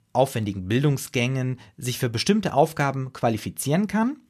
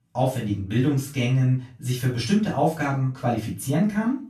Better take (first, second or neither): first